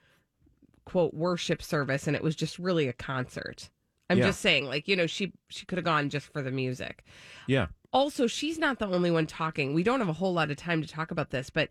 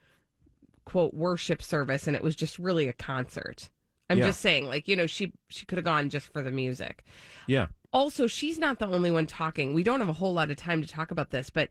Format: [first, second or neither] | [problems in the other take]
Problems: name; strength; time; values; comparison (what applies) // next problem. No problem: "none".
first | garbled, watery; slightly; nothing above 15.5 kHz